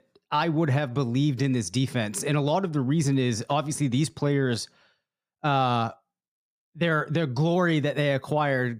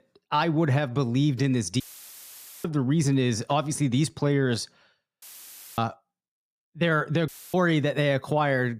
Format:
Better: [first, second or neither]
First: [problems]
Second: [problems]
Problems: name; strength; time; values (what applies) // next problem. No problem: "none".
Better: first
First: none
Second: audio cutting out; filled with static; at 2 s for 1 s, at 5 s for 0.5 s and at 7.5 s